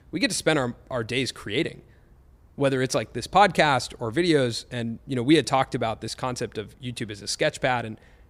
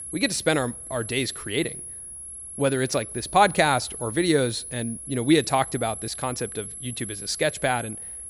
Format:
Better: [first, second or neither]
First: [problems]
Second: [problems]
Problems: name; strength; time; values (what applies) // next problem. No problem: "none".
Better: first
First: none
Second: high-pitched whine; loud; throughout; 11 kHz, 9 dB below the speech